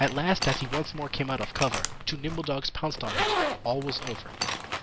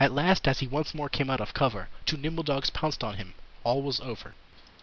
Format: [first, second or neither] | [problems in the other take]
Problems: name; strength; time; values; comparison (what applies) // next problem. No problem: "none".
second | background sound (Zipper (clothing)); 3 dB below the speech